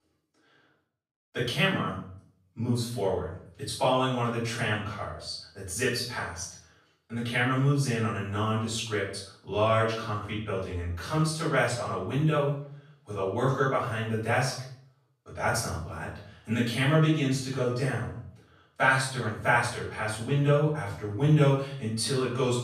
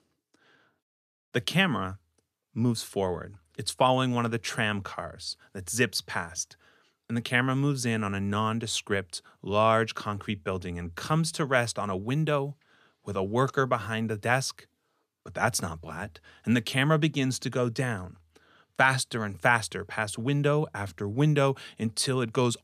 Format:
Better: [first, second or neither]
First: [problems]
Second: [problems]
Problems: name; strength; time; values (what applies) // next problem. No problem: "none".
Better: second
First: off-mic speech; far // room echo; noticeable; dies away in 0.5 s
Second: none